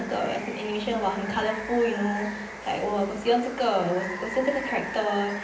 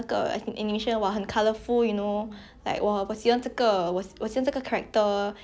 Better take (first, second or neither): second